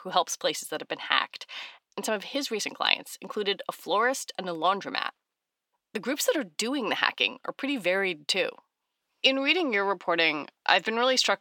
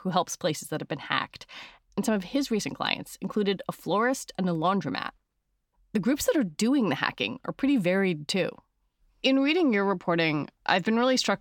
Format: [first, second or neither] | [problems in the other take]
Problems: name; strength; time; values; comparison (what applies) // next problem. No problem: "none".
second | thin; somewhat; fading below 450 Hz